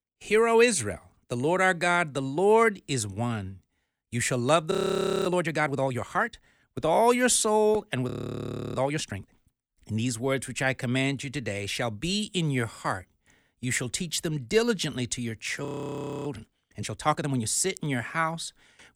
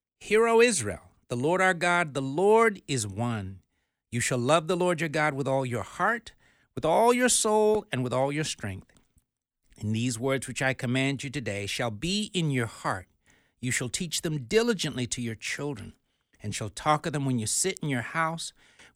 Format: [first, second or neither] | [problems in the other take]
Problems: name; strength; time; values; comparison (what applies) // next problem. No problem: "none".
second | audio freezing; at 4.5 s for 0.5 s, at 8 s for 0.5 s and at 16 s for 0.5 s